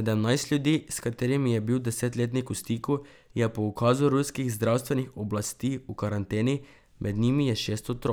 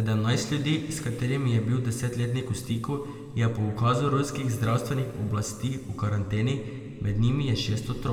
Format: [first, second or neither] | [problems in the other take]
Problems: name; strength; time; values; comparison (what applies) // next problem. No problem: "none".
first | room echo; dies away in 2.3 s